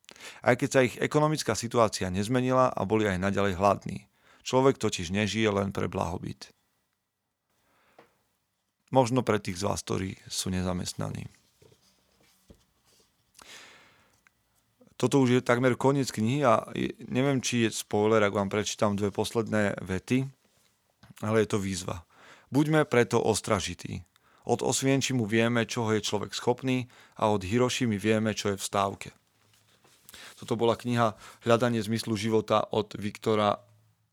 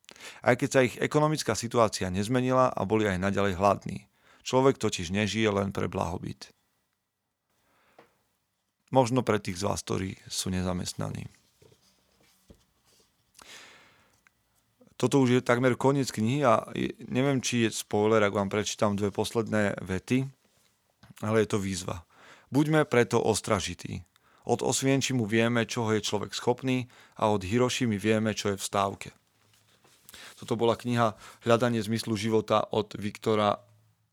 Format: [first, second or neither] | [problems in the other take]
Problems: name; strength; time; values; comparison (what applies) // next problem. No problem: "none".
neither | none